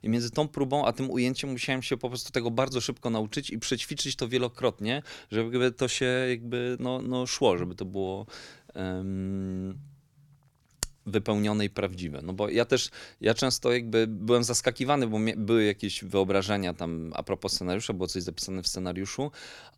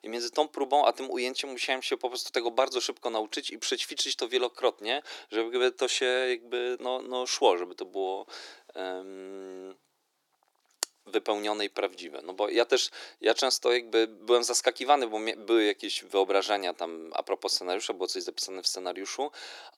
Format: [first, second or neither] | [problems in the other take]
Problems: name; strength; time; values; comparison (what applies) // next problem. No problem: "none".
first | thin; very; fading below 350 Hz